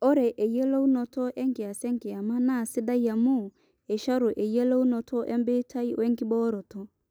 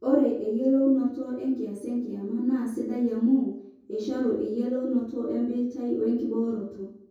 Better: first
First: none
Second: room echo; dies away in 0.6 s

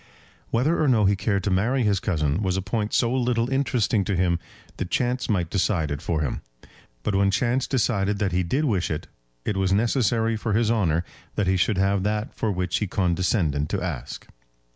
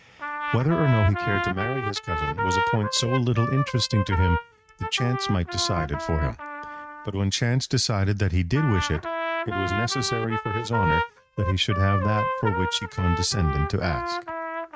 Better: first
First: none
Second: noise reduction (neural mask model RNNoise)

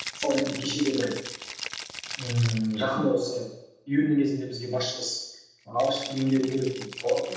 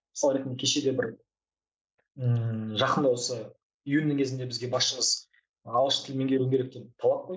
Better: second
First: background sound (Rattle (instrument)); 13 dB below the speech // room echo; dies away in 0.8 s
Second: none

